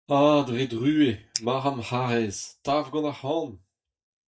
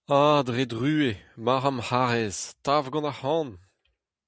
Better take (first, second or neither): second